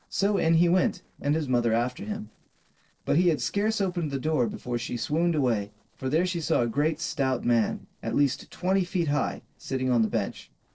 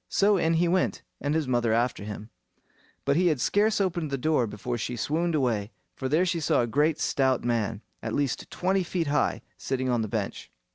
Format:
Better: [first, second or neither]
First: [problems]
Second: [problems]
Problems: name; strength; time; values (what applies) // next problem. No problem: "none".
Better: second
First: noise reduction (neural separator model SepFormer DNS4)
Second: none